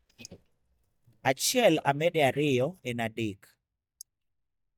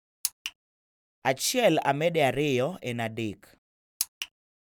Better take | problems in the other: second | noise reduction (neural mask model DeepFilterNet 3)

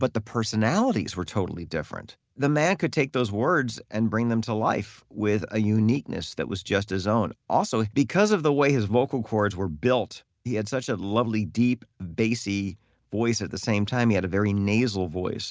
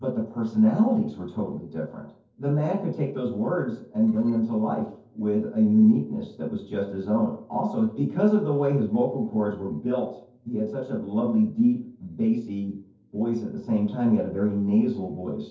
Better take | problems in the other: first | noise reduction (neural separator model SepFormer DNS4)

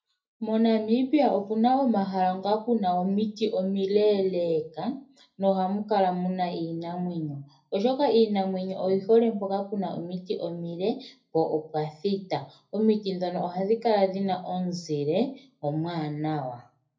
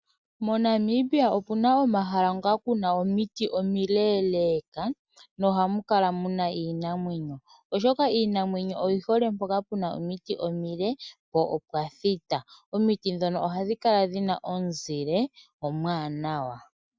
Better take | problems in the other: second | room echo; dies away in 0.3 s

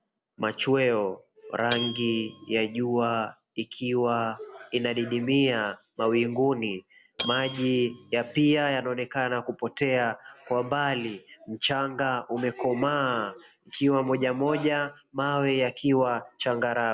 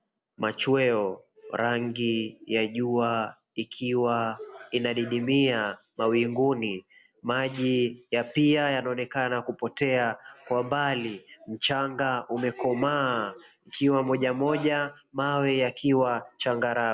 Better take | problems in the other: second | background sound (Bell); 10 dB below the speech

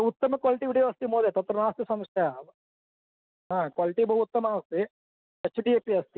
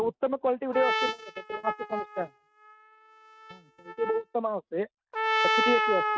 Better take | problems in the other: first | noise reduction (neural mask model RNNoise)

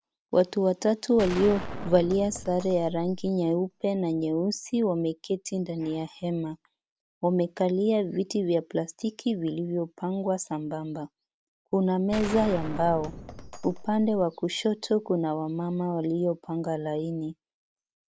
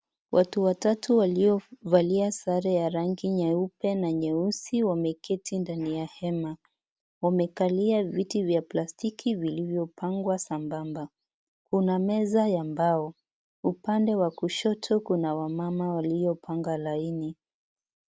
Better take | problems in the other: second | background sound (Gunshot, gunfire); 10 dB below the speech

